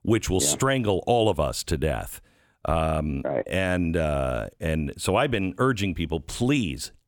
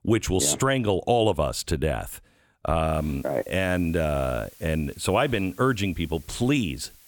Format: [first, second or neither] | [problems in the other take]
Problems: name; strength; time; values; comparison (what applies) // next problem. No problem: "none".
first | hiss; faint; from 3 s on; 25 dB below the speech